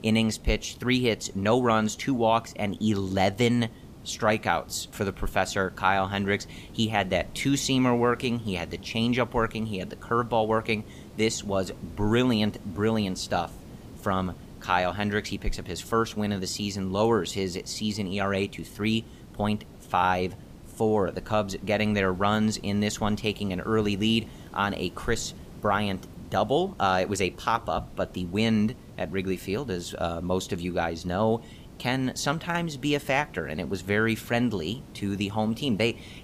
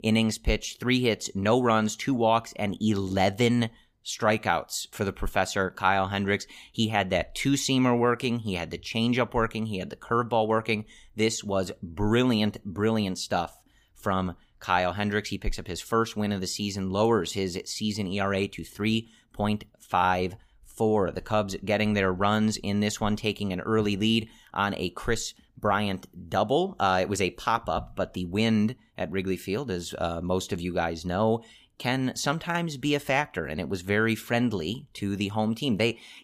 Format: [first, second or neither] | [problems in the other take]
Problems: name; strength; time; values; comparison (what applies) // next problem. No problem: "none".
second | hiss; noticeable; throughout; 20 dB below the speech